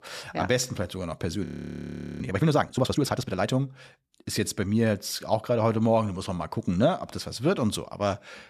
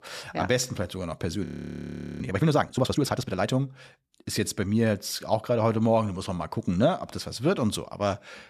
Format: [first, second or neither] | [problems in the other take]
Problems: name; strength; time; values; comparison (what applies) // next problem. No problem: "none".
neither | audio freezing; at 1.5 s for 1 s; the same in both